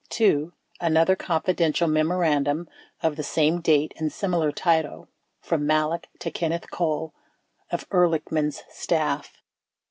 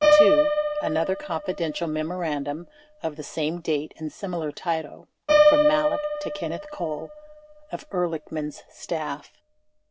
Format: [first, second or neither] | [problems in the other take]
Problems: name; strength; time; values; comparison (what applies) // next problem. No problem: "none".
first | background sound (Piano); 3 dB above the speech